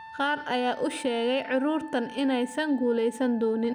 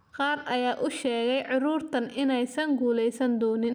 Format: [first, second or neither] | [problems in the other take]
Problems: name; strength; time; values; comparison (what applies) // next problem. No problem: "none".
second | background sound (Wind instrument, woodwind instrument); 17 dB below the speech